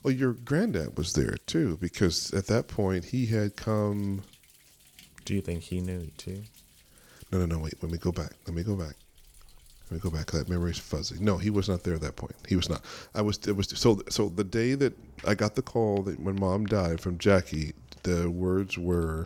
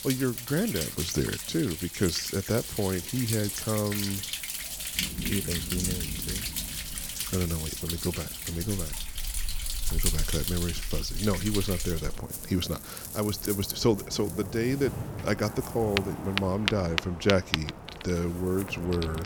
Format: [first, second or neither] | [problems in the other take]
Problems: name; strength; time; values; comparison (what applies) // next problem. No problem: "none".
first | rain or running water; loud; throughout; 3 dB below the speech; faint in the first